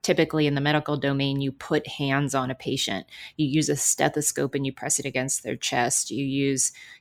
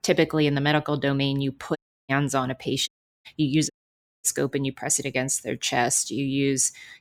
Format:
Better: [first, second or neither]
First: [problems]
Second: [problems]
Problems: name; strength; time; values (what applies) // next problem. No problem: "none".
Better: first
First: none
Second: audio cutting out; at 2 s, at 3 s and at 3.5 s for 0.5 s